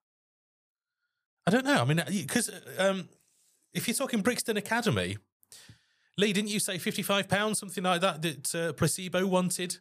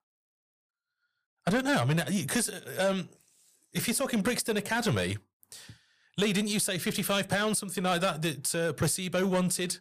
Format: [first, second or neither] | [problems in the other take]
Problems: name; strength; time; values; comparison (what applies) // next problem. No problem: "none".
first | distortion; slight; 10 dB below the speech